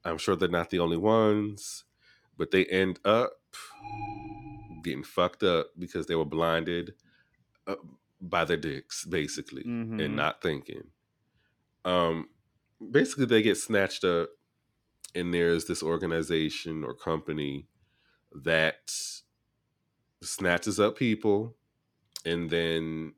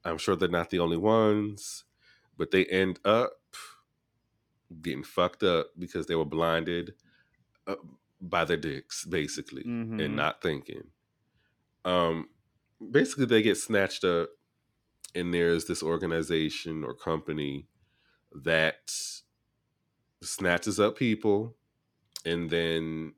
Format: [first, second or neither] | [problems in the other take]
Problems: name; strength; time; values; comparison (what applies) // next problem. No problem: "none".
second | alarm; noticeable; from 3.5 to 5 s; peak 10 dB below the speech